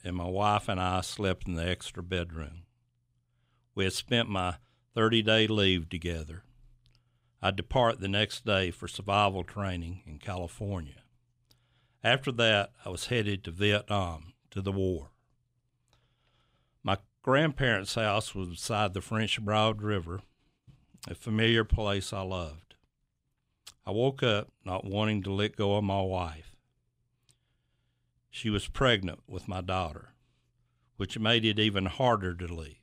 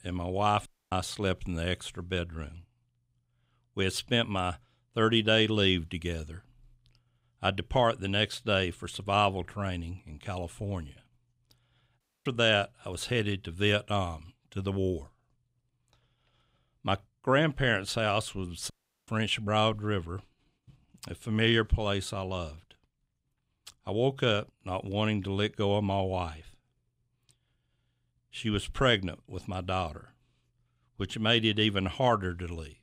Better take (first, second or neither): first